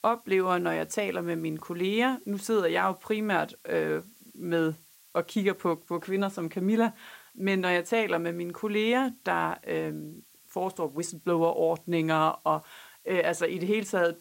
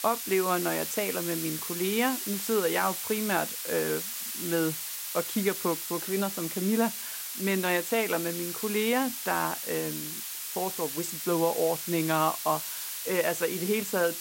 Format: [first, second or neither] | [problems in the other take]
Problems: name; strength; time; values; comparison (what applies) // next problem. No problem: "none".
first | hiss; loud; throughout; 4 dB below the speech; faint in the first